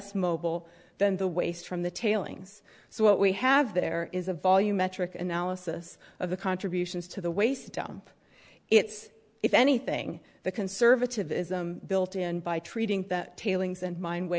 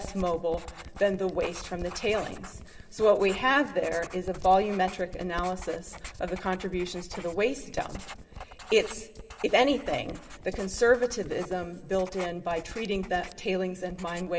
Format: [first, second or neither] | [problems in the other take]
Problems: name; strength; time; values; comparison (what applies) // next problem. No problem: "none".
first | background sound (Writing); 14 dB below the speech // room echo; dies away in 1.6 s